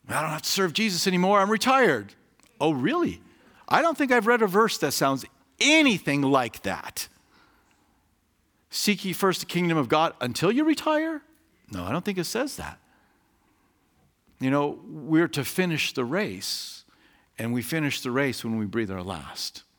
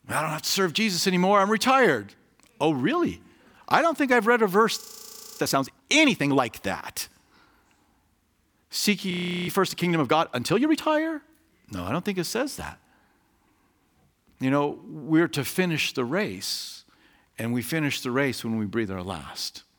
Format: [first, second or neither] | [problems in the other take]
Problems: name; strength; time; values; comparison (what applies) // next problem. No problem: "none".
first | audio freezing; at 5 s for 0.5 s and at 9 s